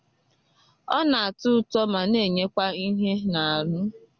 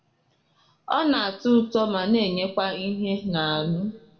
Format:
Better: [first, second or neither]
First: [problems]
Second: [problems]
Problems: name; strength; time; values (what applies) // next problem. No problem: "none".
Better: first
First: none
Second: room echo; dies away in 1 s